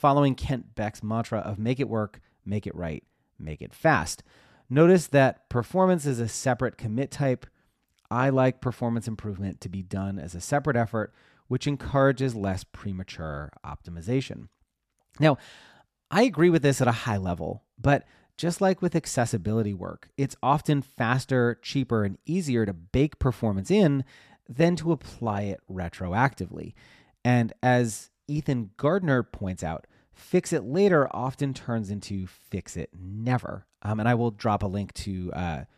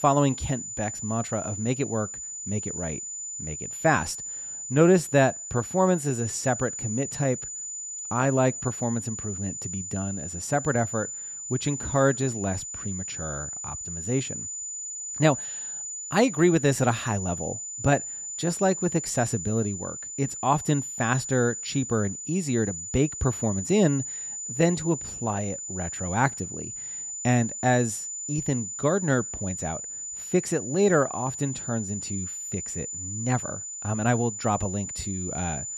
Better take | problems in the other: first | high-pitched whine; loud; throughout; 7 kHz, 6 dB below the speech

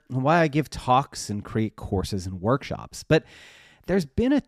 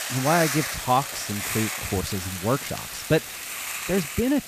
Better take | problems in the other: first | hiss; loud; throughout; 3 dB below the speech

